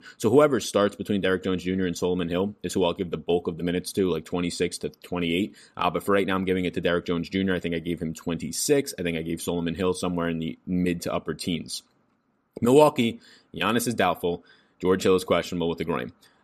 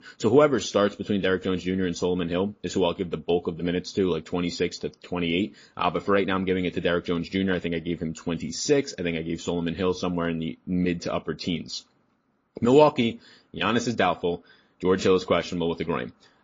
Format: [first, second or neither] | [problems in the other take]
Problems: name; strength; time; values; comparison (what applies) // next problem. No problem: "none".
first | garbled, watery; slightly